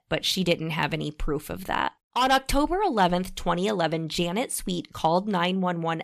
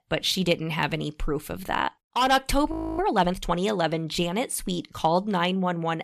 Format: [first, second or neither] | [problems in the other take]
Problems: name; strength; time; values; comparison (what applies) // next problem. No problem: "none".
first | audio freezing; at 2.5 s